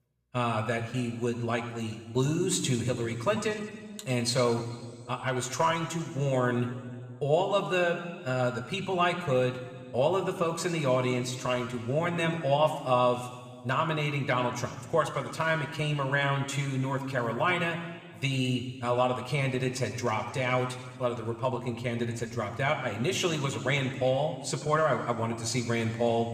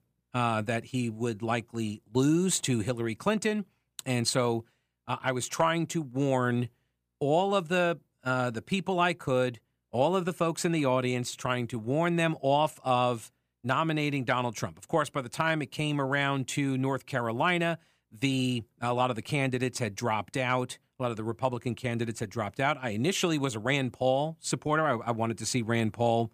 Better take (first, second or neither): second